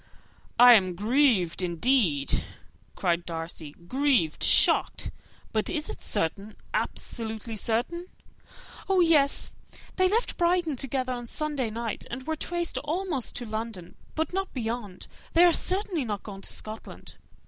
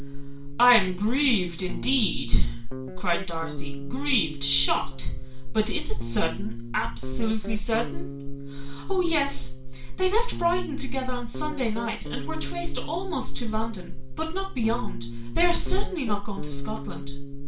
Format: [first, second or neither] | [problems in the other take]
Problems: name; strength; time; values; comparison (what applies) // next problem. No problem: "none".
first | background sound (Guitar); 15 dB below the speech // room echo; dies away in 0.3 s